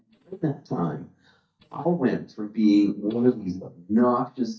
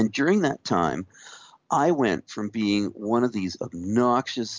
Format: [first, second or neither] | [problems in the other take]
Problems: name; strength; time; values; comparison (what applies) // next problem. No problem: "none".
second | noise reduction (neural mask model DeepFilterNet 3)